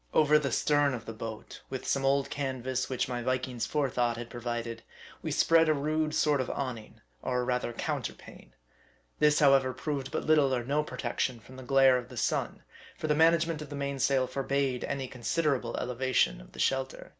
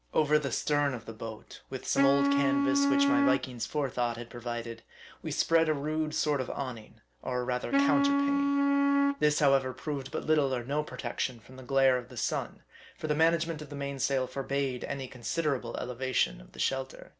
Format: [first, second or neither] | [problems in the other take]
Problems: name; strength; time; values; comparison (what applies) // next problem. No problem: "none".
first | background sound (Wind instrument, woodwind instrument); 3 dB above the speech